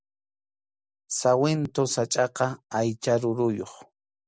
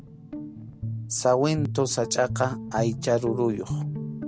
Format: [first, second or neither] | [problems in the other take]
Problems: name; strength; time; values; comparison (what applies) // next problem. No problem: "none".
first | background sound (Guitar); 7 dB below the speech